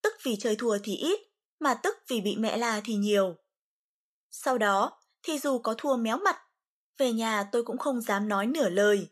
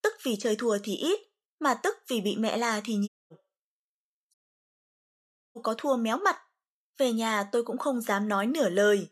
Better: first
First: none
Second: audio cutting out; at 3 s and at 4.5 s for 1 s

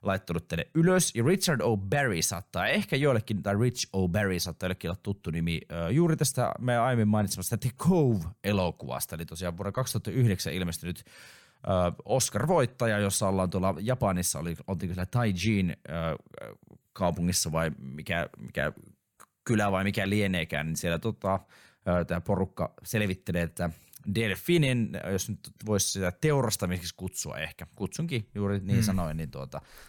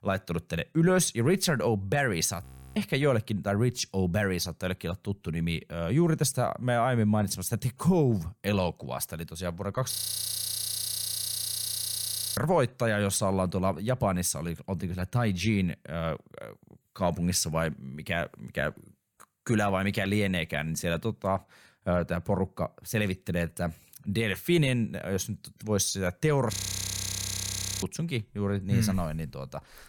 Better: first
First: none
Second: audio freezing; at 2.5 s, at 10 s for 2.5 s and at 27 s for 1.5 s

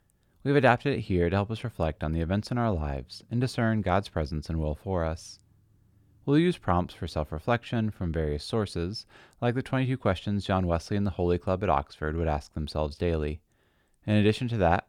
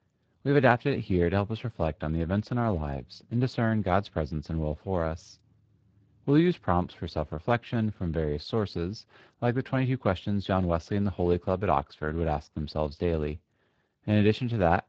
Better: first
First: none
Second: garbled, watery; slightly

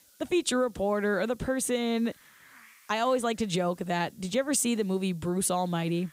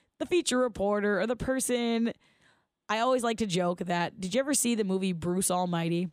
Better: second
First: hiss; faint; throughout; 30 dB below the speech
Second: none

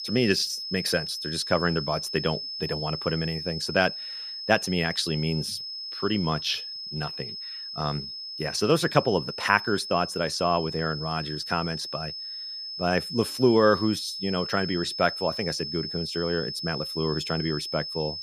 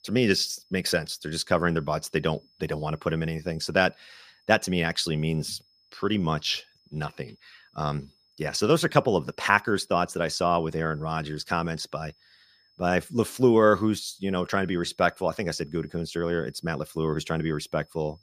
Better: second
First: high-pitched whine; loud; throughout; 5 kHz, 6 dB below the speech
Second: high-pitched whine; faint; throughout; 5 kHz, 35 dB below the speech

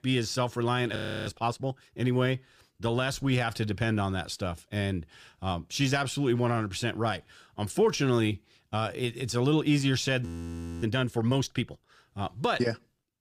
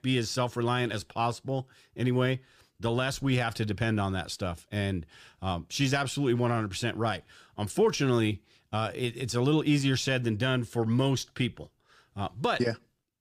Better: second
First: audio freezing; at 1 s and at 10 s for 0.5 s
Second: none

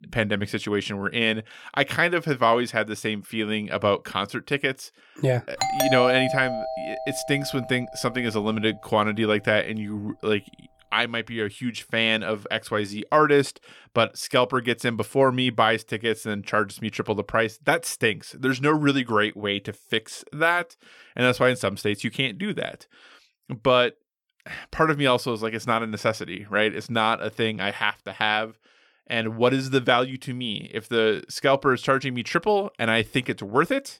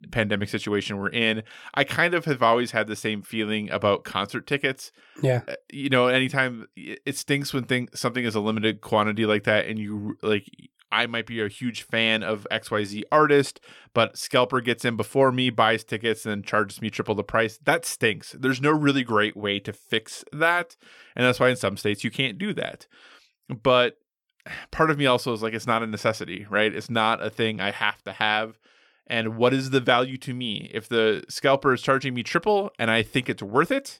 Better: second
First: doorbell; loud; from 5.5 to 7.5 s; peak 1 dB above the speech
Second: none

